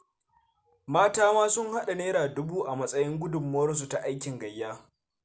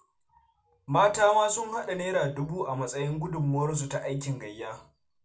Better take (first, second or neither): first